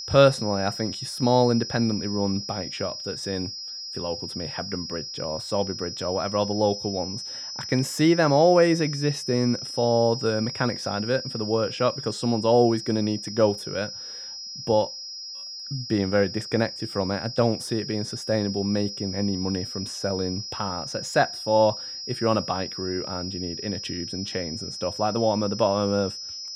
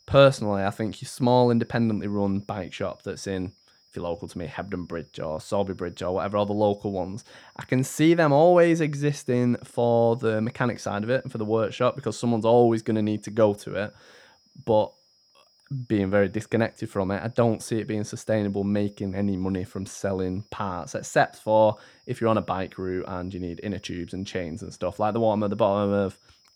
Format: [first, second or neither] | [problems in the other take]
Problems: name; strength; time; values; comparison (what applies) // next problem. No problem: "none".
second | high-pitched whine; loud; throughout; 5 kHz, 8 dB below the speech; faint in the second